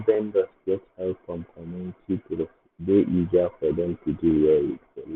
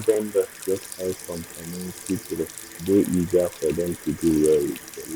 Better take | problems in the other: first | background sound (Sink (filling or washing) / Water tap, faucet); 15 dB below the speech

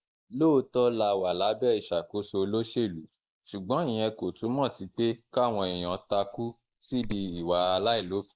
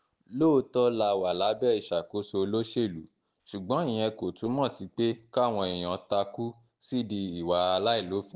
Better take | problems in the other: second | noise reduction (neural mask model Resemble Enhance denoiser)

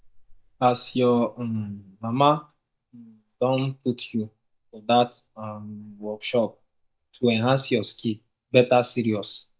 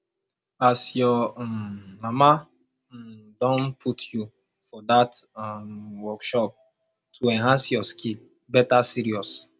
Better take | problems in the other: second | noise reduction (neural mask model DeepFilterNet 3)

